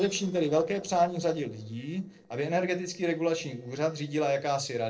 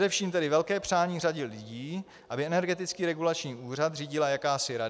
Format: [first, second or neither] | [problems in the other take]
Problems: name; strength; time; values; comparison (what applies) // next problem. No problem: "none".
second | noise reduction (neural separator model SepFormer DNS4)